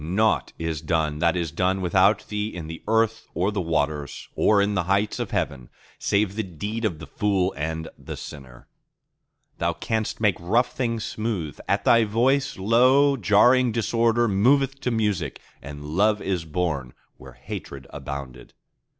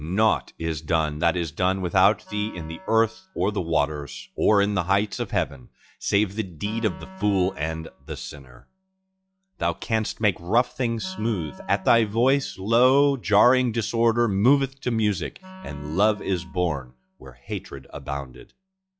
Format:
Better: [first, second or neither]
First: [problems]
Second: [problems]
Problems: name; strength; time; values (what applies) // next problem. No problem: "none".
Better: first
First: none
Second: noise reduction (classical method log-MMSE)